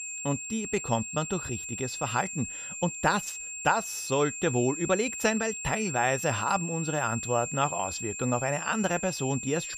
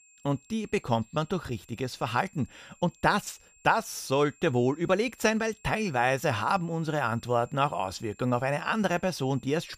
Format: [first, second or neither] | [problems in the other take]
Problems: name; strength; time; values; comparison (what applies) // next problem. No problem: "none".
second | high-pitched whine; loud; throughout; 7.5 kHz, 5 dB below the speech; faint in the second